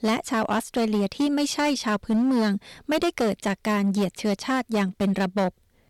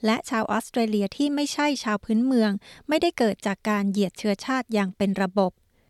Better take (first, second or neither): second